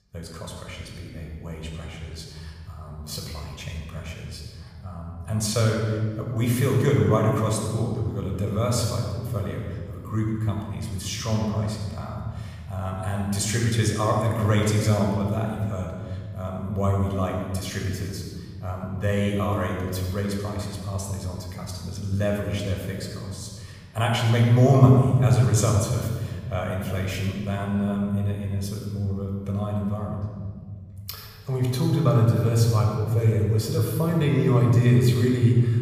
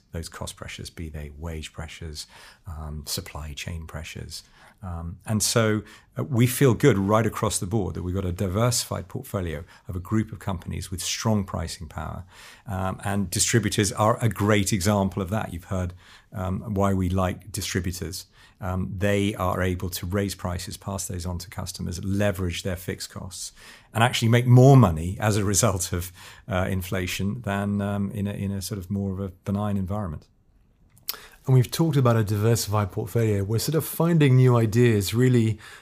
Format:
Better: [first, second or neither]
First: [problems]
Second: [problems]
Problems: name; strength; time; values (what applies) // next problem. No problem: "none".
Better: second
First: off-mic speech; somewhat distant // room echo; noticeable; dies away in 1.9 s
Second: none